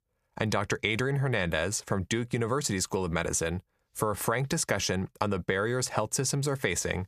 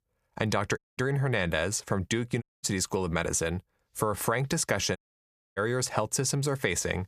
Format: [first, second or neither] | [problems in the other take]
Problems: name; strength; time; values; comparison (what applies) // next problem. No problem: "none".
first | audio cutting out; at 1 s, at 2.5 s and at 5 s for 0.5 s